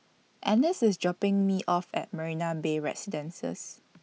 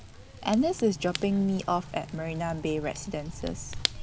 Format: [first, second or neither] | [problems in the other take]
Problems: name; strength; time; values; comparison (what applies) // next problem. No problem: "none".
first | background sound (Fire / Rain); 9 dB below the speech